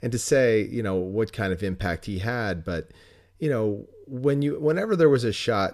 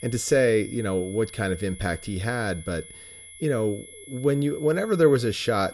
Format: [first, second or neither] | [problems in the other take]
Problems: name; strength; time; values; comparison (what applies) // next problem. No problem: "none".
first | high-pitched whine; noticeable; throughout; 11 kHz, 15 dB below the speech